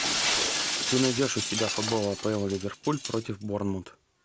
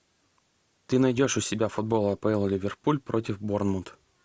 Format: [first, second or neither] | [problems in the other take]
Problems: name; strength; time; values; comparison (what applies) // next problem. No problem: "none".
second | background sound (Shatter); 2 dB below the speech